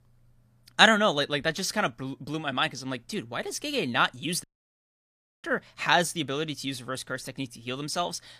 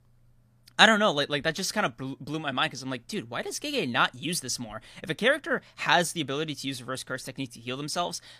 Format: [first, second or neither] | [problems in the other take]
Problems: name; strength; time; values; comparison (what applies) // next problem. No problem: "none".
second | audio cutting out; at 4.5 s for 1 s